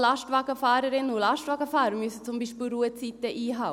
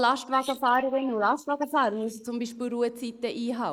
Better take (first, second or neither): first